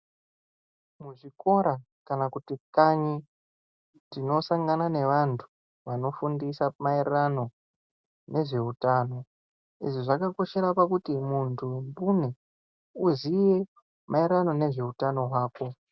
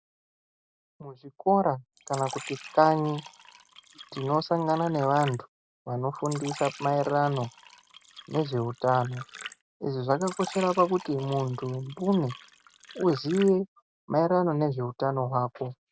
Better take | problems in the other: first | background sound (Fill (with liquid)); 16 dB below the speech

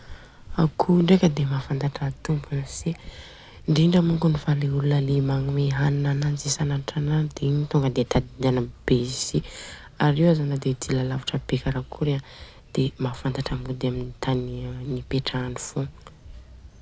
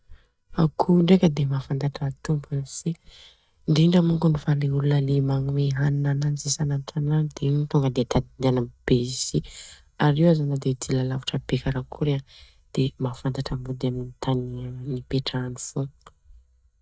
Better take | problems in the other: first | noise reduction (neural mask model DeepFilterNet 3)

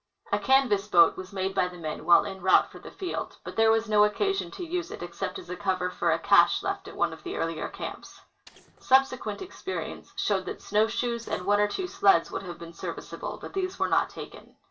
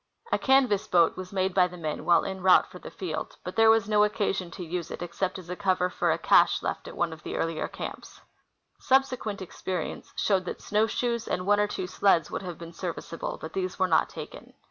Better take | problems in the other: second | noise reduction (neural separator model SepFormer DNS4)

